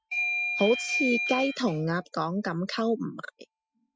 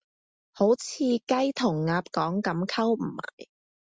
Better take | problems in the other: second | noise reduction (classical method Wiener filter)

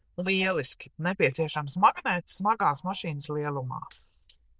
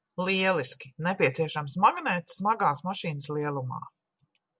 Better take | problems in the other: second | noise reduction (neural diffusion model UNIVERSE++)

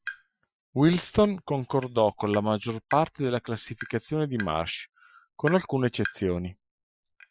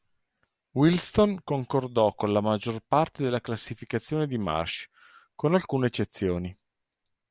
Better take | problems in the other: second | noise reduction (classical method Wiener filter)

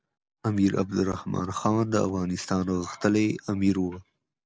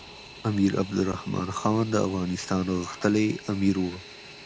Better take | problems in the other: first | background sound (Fixed-wing aircraft, airplane); 18 dB below the speech

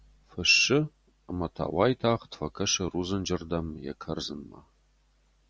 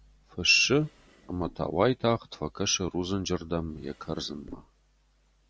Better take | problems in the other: first | background sound (Drawer open or close); 19 dB below the speech

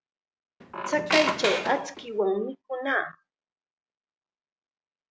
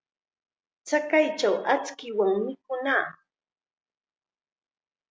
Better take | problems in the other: second | background sound (Squeak); as loud as the speech

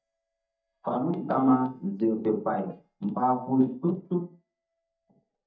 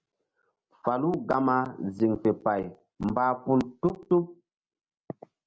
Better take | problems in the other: second | noise reduction (neural mask model DeepFilterNet 3)

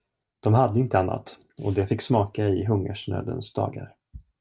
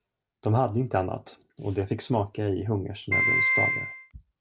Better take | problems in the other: first | background sound (Piano); 5 dB above the speech

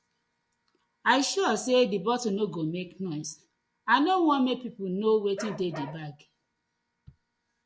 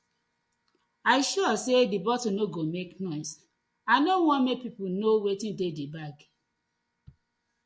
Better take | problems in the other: second | background sound (Bark); 14 dB below the speech

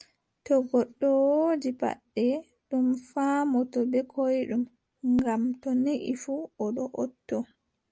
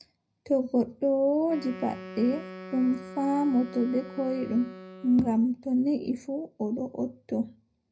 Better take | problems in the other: first | background sound (Wind instrument, woodwind instrument); 17 dB below the speech // room echo; dies away in 0.4 s

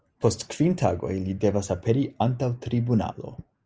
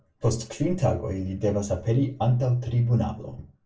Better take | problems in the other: first | room echo; dies away in 0.2 s

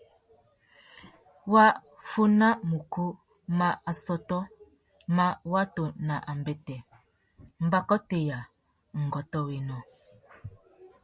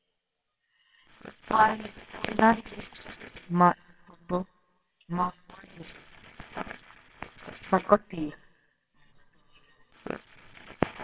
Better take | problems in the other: first | noise reduction (neural separator model SepFormer WHAMR!)

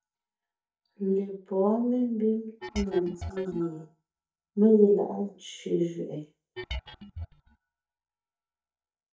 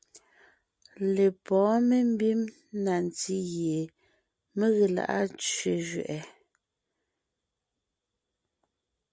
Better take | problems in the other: second | noise reduction (neural mask model DeepFilterNet 3)

